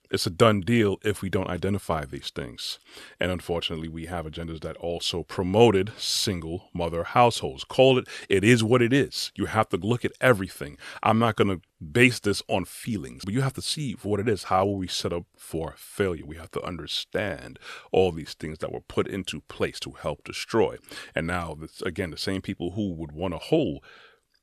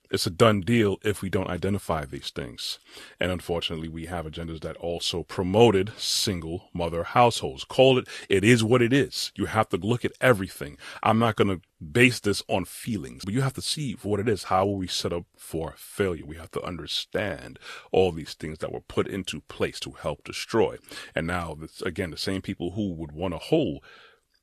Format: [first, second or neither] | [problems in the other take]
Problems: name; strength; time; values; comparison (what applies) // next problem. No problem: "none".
first | garbled, watery; slightly; nothing above 13.5 kHz